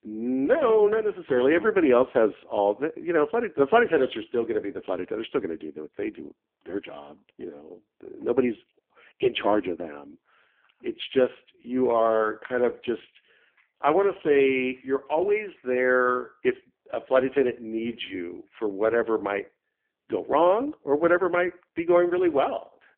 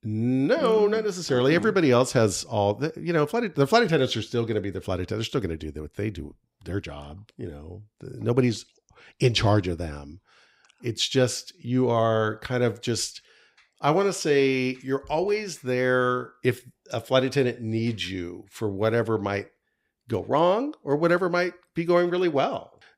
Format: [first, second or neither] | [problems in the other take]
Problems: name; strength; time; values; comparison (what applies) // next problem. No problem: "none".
second | phone-call audio; poor line; nothing above 3.5 kHz